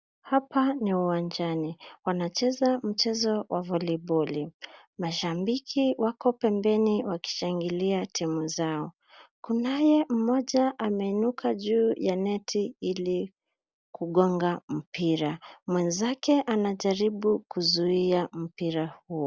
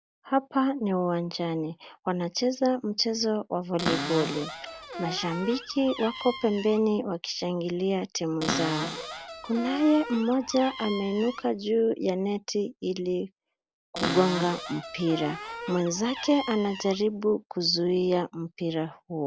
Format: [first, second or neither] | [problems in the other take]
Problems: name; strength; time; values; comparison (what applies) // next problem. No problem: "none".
first | background sound (Cupboard open or close); 8 dB below the speech